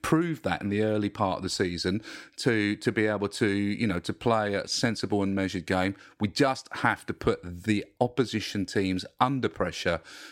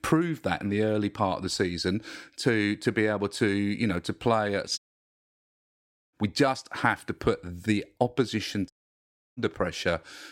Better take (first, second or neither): first